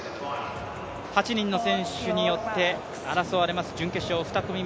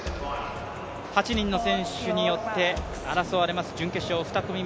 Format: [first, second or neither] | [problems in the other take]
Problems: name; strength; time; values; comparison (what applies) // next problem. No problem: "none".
first | background sound (Wood); 13 dB below the speech